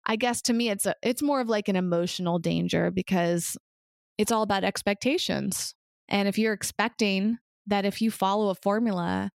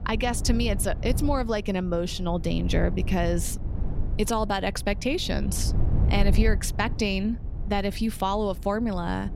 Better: first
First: none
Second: wind noise on the microphone; occasional gusts; 15 dB below the speech

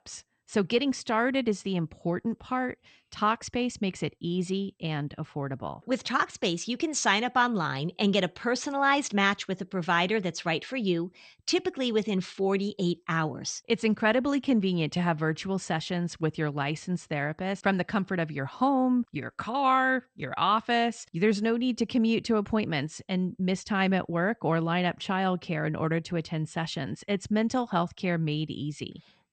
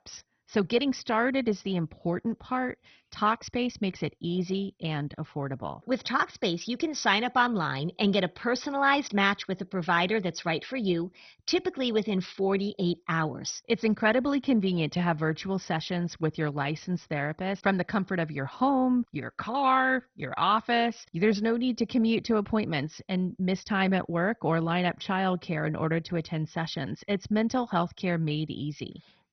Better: first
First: garbled, watery; slightly; nothing above 8.5 kHz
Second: garbled, watery; badly; nothing above 6 kHz

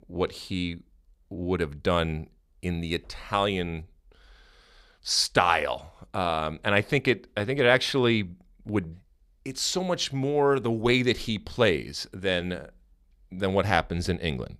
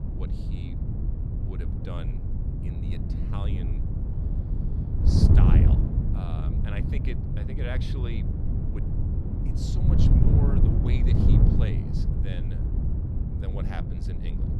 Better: first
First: none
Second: wind noise on the microphone; heavy; 4 dB above the speech

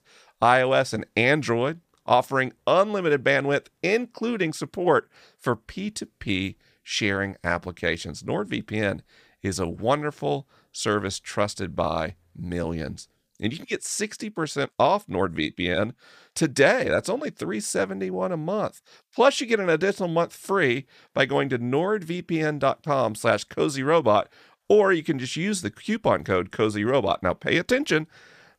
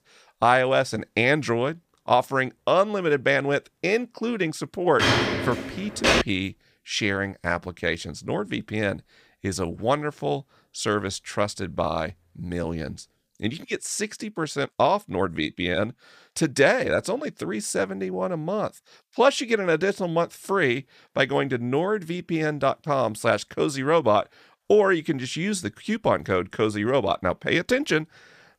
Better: first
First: none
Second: footsteps; loud; from 5 to 6 s; peak 4 dB above the speech

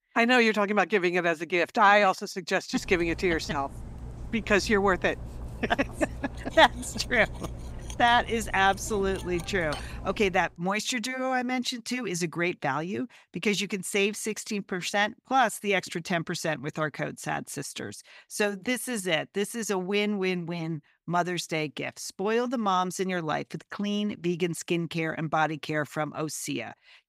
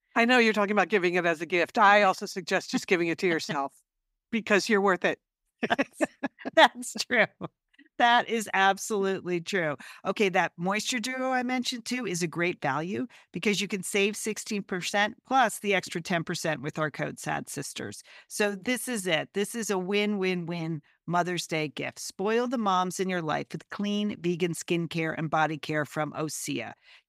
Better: second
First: clattering dishes; faint; from 3 to 11 s; peak 10 dB below the speech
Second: none

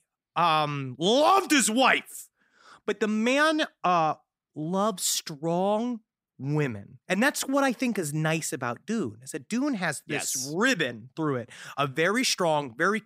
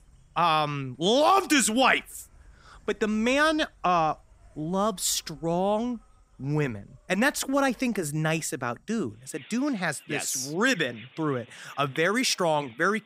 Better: first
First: none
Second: animal sounds; faint; throughout; 30 dB below the speech

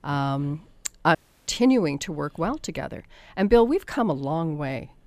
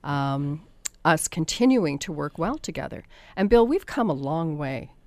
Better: second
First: audio cutting out; at 1 s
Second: none

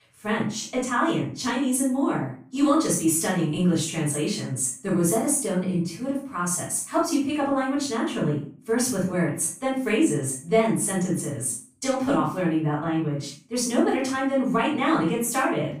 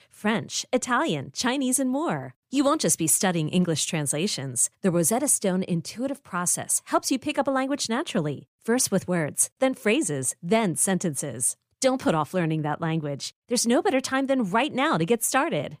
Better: second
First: off-mic speech; far // room echo; noticeable; dies away in 0.4 s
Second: none

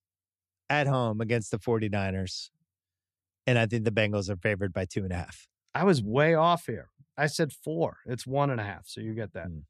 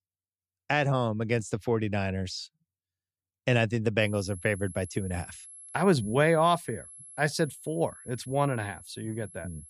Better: first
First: none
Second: high-pitched whine; noticeable; from 4 s on; 11 kHz, 15 dB below the speech

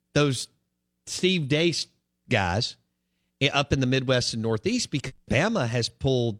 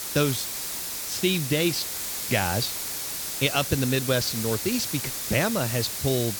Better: first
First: none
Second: hiss; loud; throughout; 3 dB below the speech

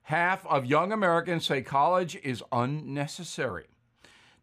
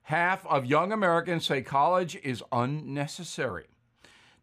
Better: neither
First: none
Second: none

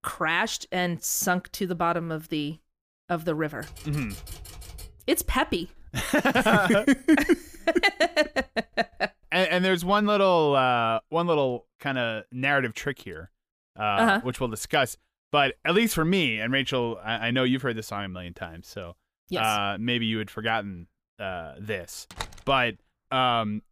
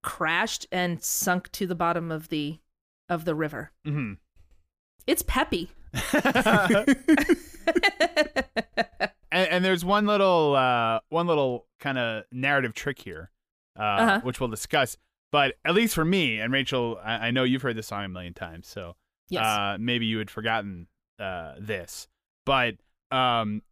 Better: second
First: keyboard typing; faint; from 3.5 to 5 s; peak 15 dB below the speech // door banging; faint; at 22 s; peak 15 dB below the speech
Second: none

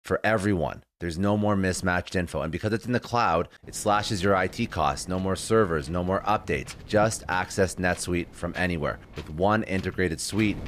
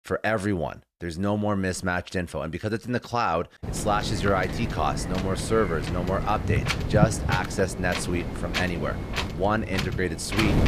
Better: first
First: wind noise on the microphone; occasional gusts; from 3.5 s on; 25 dB below the speech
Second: wind noise on the microphone; heavy; from 3.5 s on; 6 dB below the speech

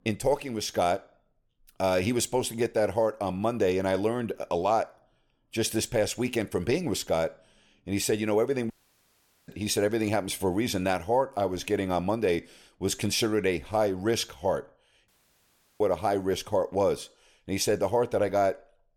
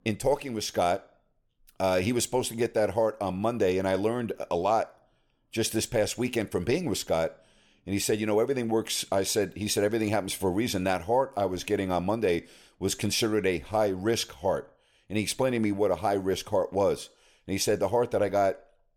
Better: second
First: audio cutting out; at 8.5 s for 1 s and at 15 s for 0.5 s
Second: none

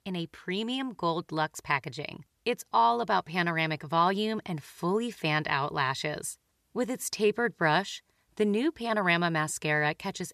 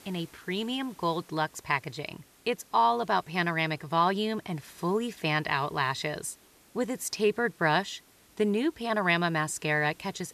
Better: first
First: none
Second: hiss; faint; throughout; 25 dB below the speech

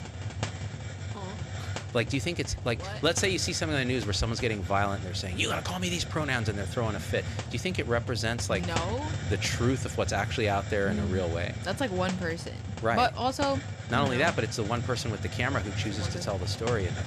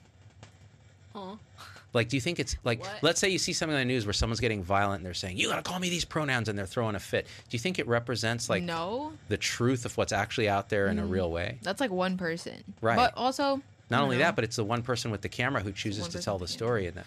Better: second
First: hiss; loud; throughout; 6 dB below the speech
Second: hiss; faint; throughout; 25 dB below the speech

